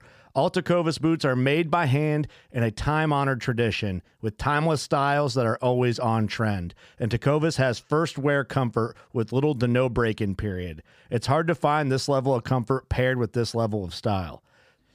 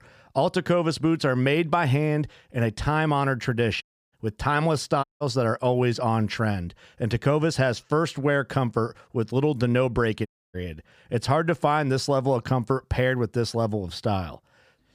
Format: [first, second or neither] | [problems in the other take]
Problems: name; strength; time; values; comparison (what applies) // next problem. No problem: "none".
first | audio cutting out; at 4 s, at 5 s and at 10 s